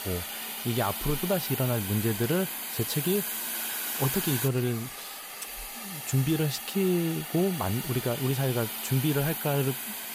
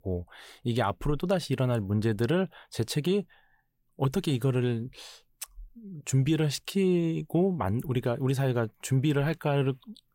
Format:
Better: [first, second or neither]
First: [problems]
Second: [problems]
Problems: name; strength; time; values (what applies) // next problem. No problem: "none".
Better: second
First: hiss; loud; throughout; 4 dB below the speech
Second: none